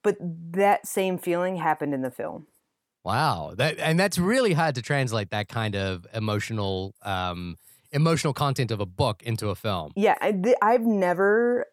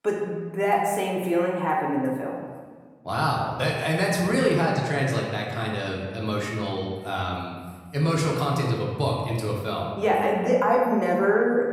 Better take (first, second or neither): first